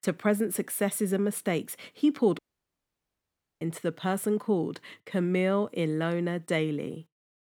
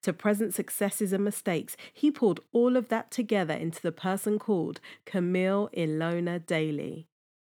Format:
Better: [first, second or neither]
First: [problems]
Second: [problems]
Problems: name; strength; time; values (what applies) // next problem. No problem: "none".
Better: second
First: audio cutting out; at 2.5 s for 1 s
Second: none